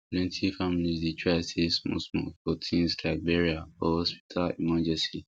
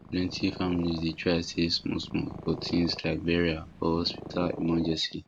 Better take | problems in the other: first | background sound (Purr); 13 dB below the speech

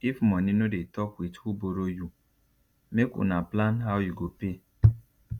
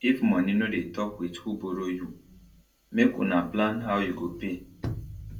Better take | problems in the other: first | room echo; dies away in 0.2 s

